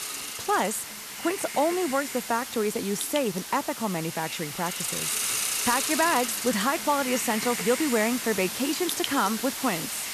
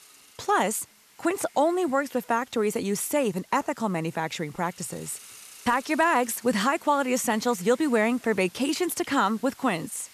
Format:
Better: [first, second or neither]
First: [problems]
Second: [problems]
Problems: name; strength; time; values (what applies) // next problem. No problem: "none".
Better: second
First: hiss; loud; throughout; 3 dB below the speech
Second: hiss; faint; throughout; 25 dB below the speech